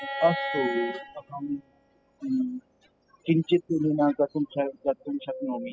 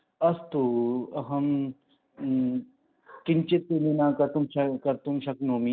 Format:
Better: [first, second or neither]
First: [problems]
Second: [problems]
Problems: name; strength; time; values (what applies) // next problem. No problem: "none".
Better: second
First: noise reduction (classical method spectral subtraction)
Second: none